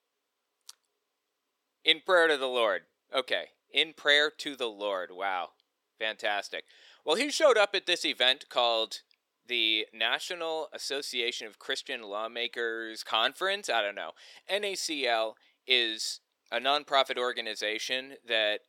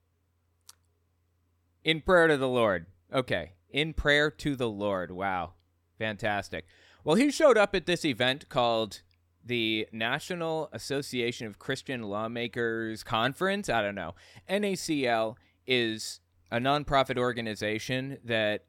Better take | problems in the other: second | thin; somewhat; fading below 400 Hz

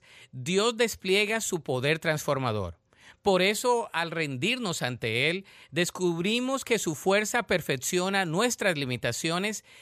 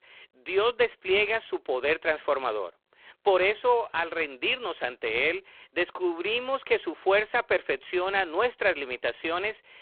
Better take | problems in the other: first | phone-call audio; poor line

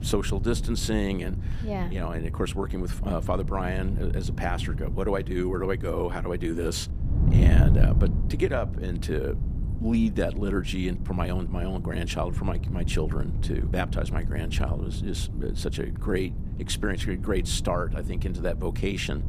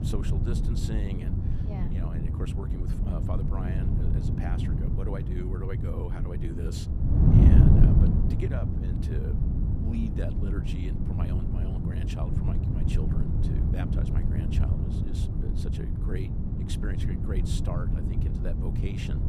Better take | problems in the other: first | wind noise on the microphone; heavy; 4 dB above the speech; occasional gusts in the first

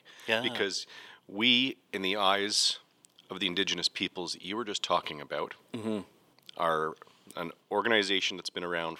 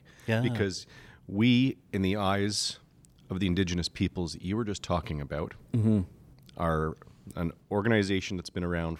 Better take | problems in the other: second | thin; somewhat; fading below 400 Hz

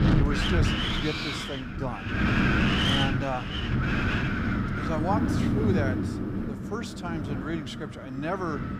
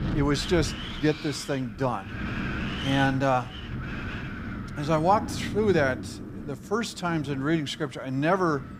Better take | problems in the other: second | wind noise on the microphone; heavy; 4 dB above the speech; occasional gusts in the second

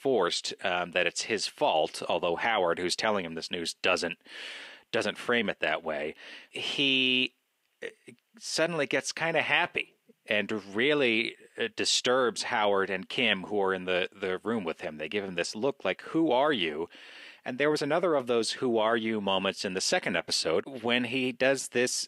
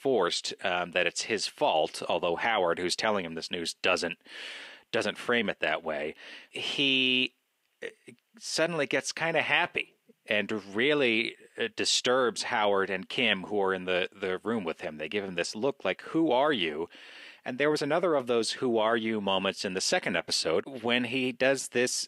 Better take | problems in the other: neither | thin; somewhat; fading below 350 Hz; the same in both

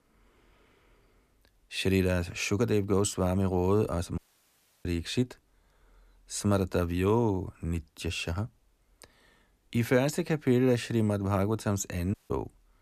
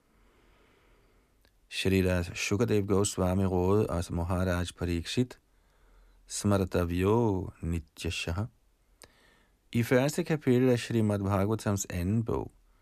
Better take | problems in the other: second | audio cutting out; at 4 s for 0.5 s and at 12 s

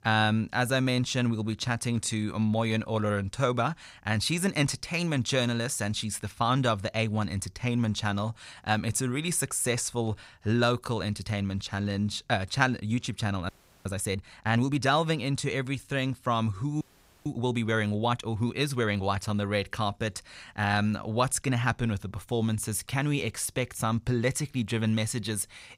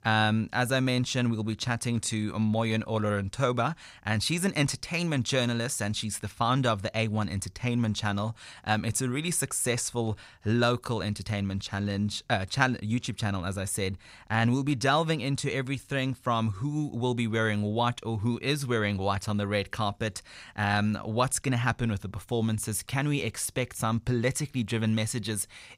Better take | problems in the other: second | audio freezing; at 13 s and at 17 s

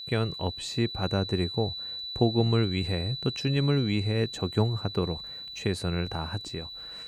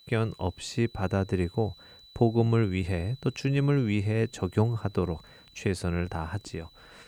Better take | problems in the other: second | high-pitched whine; loud; throughout; 4 kHz, 7 dB below the speech; faint in the second

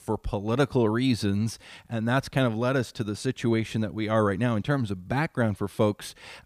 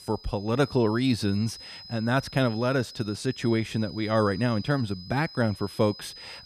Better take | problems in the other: first | high-pitched whine; noticeable; throughout; 5 kHz, 15 dB below the speech

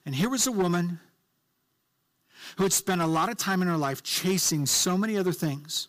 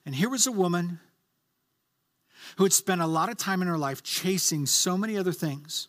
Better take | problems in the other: second | distortion; slight; 6% of the sound clipped

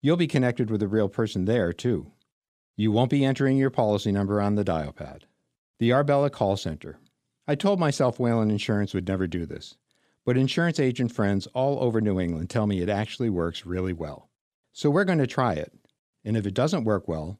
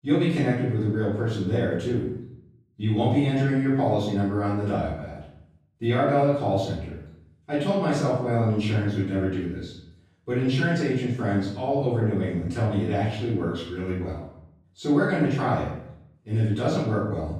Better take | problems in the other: first | room echo; noticeable; dies away in 0.7 s // off-mic speech; far

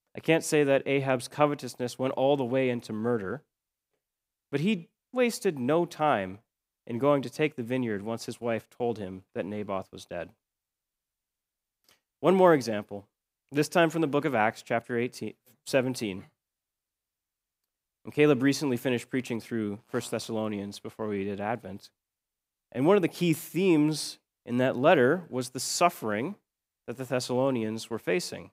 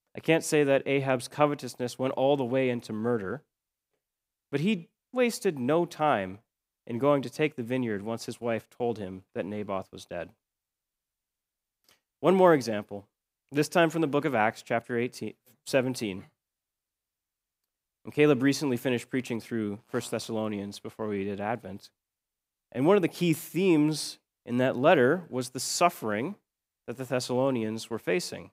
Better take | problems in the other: neither | none

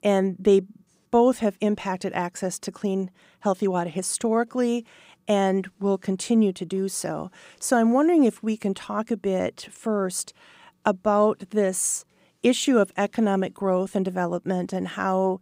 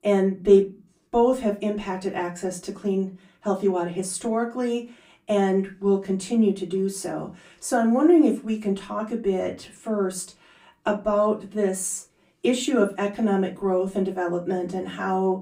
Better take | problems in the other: first | off-mic speech; far // room echo; very slight; dies away in 0.3 s

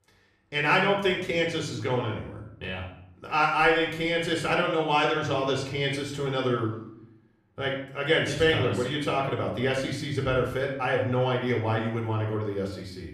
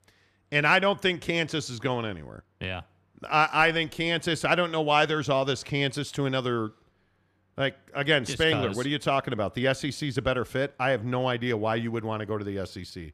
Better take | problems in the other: second | off-mic speech; far // room echo; noticeable; dies away in 0.6 s

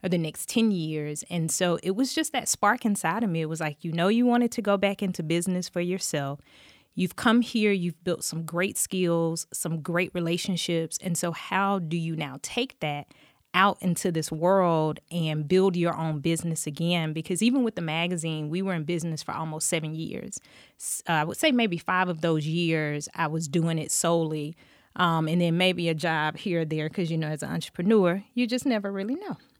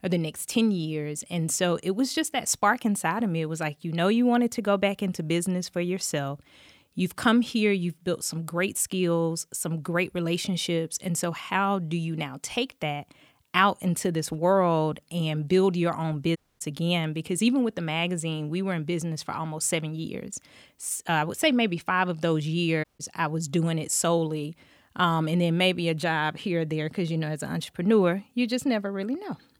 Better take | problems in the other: first | audio cutting out; at 16 s and at 23 s

